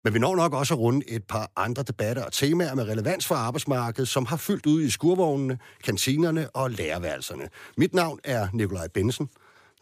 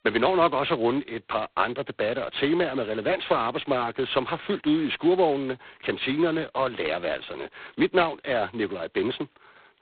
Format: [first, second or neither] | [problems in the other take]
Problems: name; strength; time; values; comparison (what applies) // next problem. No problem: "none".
first | phone-call audio; poor line; nothing above 4 kHz